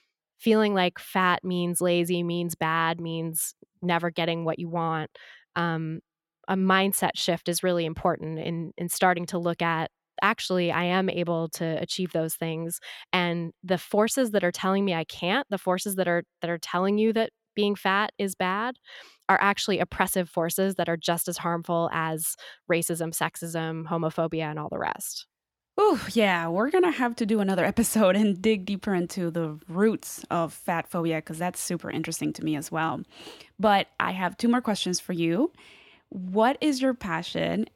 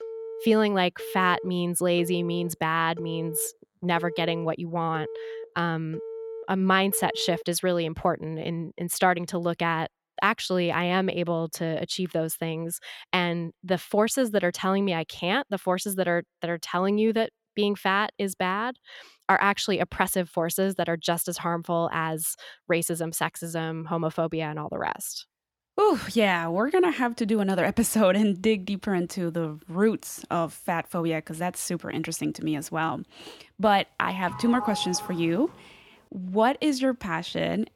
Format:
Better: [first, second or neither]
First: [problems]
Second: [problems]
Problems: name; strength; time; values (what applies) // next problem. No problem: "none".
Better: first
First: none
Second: phone ringing; faint; until 7.5 s; peak 10 dB below the speech // doorbell; noticeable; from 34 to 36 s; peak 7 dB below the speech